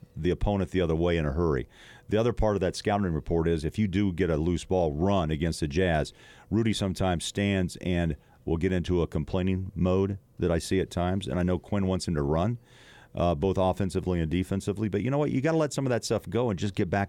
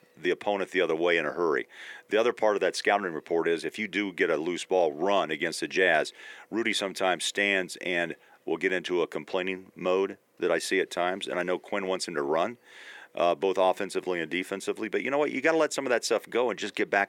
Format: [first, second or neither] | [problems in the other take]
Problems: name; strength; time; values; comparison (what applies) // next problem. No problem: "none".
first | thin; somewhat; fading below 350 Hz